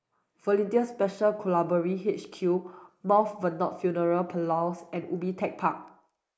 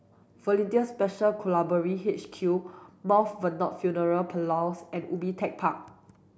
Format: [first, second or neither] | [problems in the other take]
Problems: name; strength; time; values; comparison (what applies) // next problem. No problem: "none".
second | noise reduction (neural mask model Resemble Enhance denoiser)